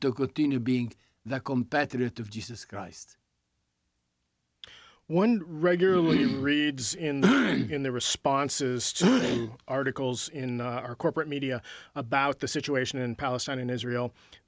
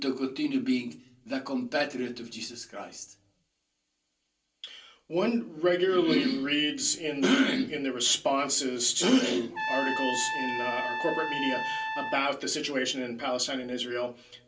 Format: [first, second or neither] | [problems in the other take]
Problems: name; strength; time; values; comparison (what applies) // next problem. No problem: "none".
first | background sound (Trumpet); 3 dB below the speech // room echo; dies away in 0.3 s